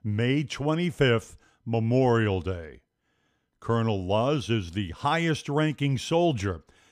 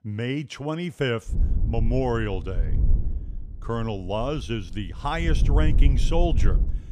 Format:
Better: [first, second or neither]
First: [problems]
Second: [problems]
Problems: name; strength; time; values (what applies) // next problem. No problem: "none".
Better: first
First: none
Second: wind noise on the microphone; occasional gusts; from 1.5 s on; 15 dB below the speech